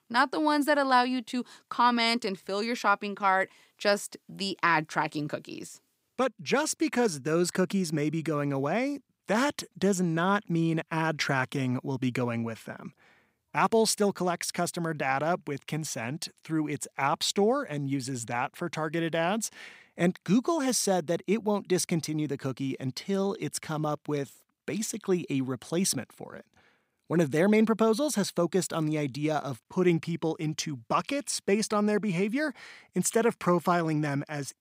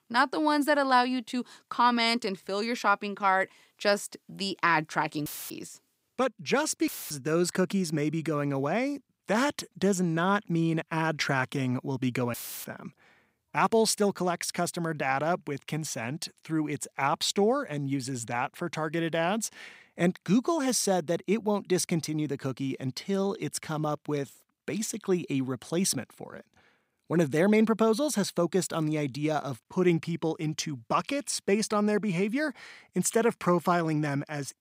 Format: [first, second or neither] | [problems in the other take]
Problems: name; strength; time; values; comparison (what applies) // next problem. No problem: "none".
first | audio cutting out; filled with static; at 5.5 s, at 7 s and at 12 s